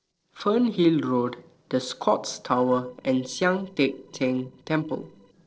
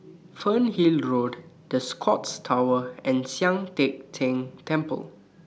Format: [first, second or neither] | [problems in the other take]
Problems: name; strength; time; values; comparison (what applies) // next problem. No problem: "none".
second | noise reduction (neural separator model SepFormer DNS4)